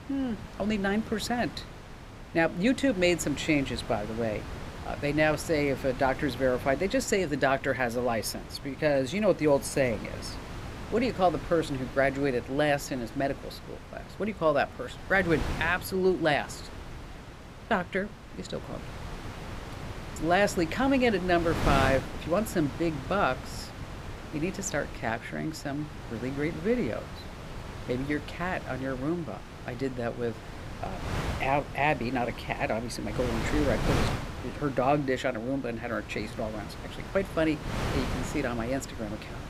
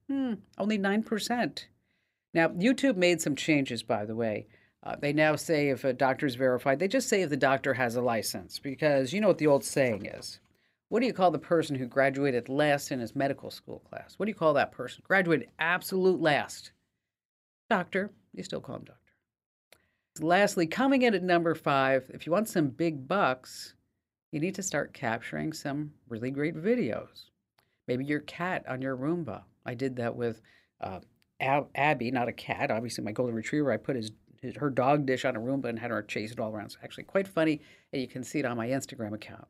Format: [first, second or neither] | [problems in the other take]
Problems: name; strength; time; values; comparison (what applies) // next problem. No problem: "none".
second | wind noise on the microphone; occasional gusts; 10 dB below the speech